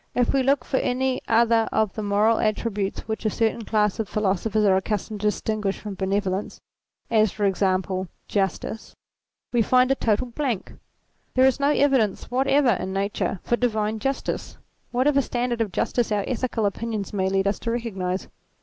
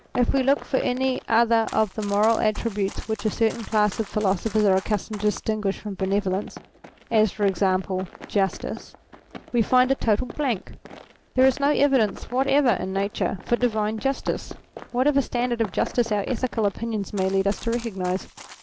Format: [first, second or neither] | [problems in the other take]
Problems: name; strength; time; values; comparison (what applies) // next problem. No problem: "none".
first | background sound (Run); 18 dB below the speech